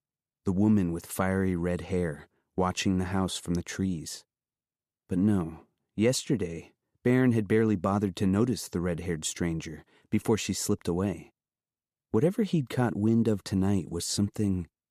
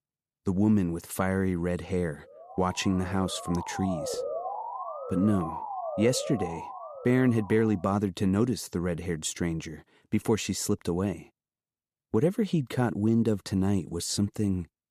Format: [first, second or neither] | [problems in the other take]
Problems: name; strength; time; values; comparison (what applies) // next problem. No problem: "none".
first | siren; noticeable; from 2.5 to 8 s; peak 5 dB below the speech